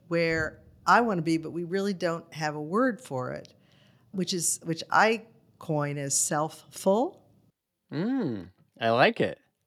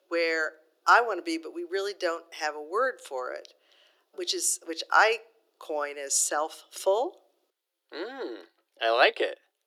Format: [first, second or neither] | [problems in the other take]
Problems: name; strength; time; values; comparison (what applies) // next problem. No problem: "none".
first | thin; very; fading below 350 Hz